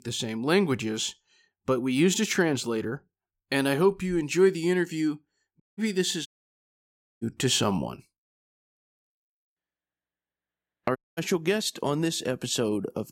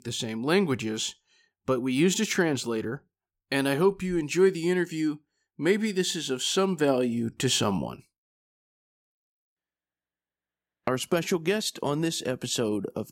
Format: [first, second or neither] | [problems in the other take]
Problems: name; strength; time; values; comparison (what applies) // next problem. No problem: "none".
second | audio cutting out; at 5.5 s, at 6.5 s for 1 s and at 11 s